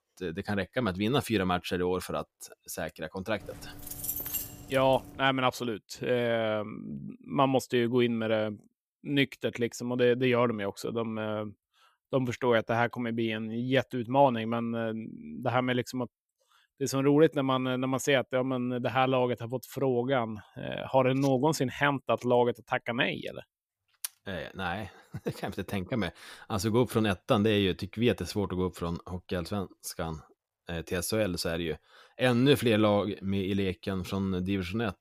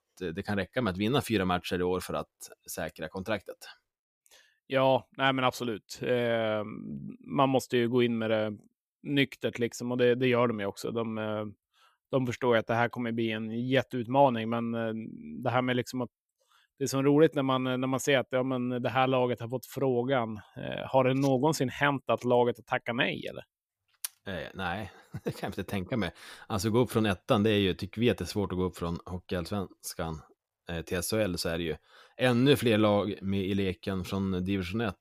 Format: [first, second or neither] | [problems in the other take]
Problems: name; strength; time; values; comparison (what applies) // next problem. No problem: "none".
second | jangling keys; noticeable; from 3.5 to 5 s; peak 2 dB below the speech